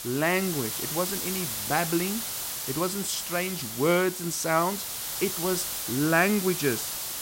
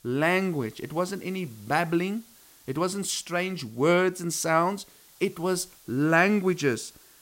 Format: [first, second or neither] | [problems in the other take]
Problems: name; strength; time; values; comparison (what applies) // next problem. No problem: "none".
second | hiss; loud; throughout; 3 dB below the speech; faint in the second